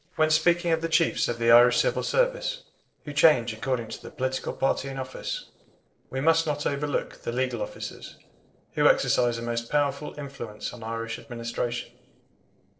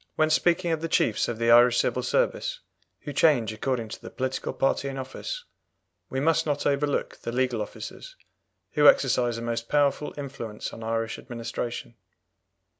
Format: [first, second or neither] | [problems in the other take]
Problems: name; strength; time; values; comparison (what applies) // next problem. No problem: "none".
second | noise reduction (neural separator model SepFormer DNS4)